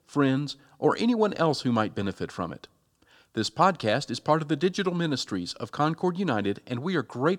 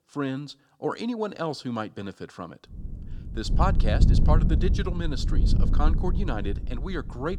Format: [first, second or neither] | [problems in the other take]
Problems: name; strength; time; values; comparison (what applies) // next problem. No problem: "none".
first | wind noise on the microphone; heavy; from 2.5 s on; 7 dB below the speech